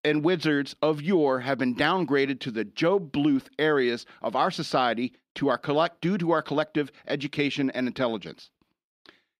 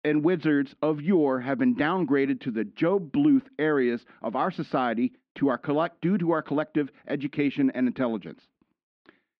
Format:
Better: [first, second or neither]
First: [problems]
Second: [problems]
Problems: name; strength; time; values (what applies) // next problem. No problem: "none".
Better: first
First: none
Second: muffled; slightly; fading above 2 kHz